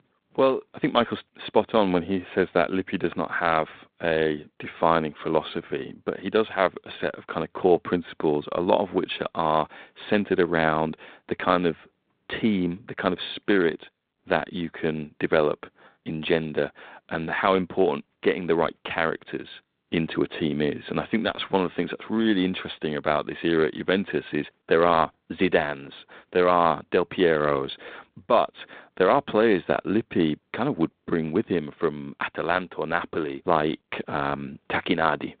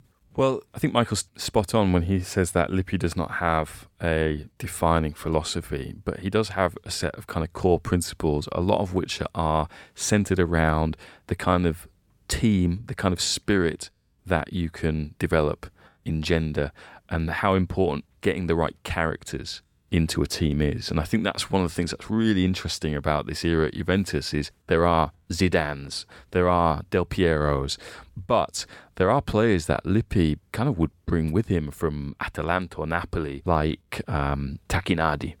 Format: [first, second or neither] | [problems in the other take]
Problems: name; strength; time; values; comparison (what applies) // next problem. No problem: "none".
second | phone-call audio; nothing above 4 kHz